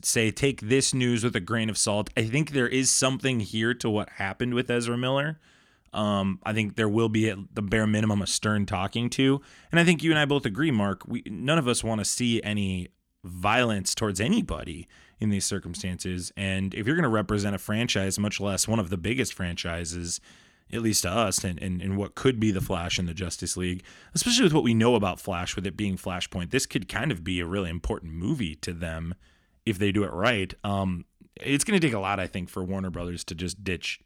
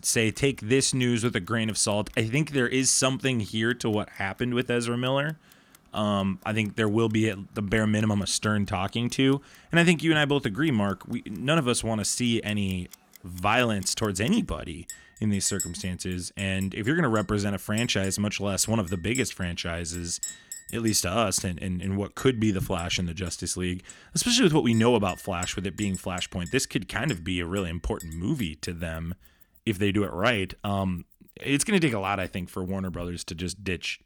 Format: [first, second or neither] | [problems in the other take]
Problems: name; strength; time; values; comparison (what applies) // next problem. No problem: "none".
first | household noises; noticeable; throughout; 15 dB below the speech